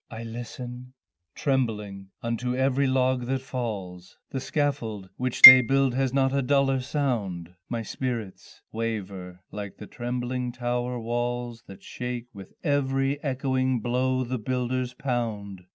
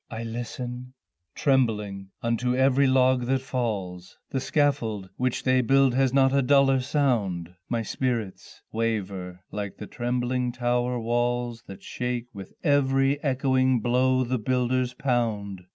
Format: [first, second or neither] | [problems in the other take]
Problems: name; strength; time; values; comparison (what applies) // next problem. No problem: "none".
second | background sound (Marimba, xylophone); 4 dB above the speech